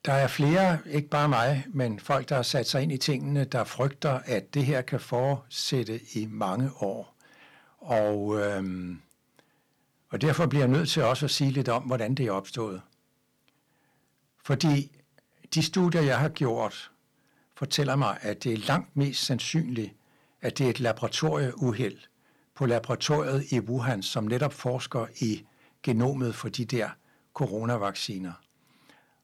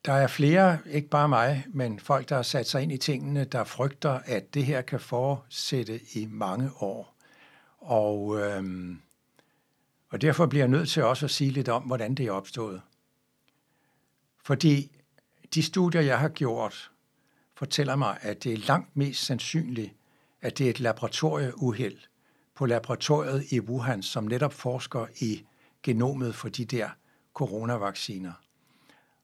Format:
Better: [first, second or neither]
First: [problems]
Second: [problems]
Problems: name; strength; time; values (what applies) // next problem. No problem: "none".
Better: second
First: distortion; slight; 3% of the sound clipped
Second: none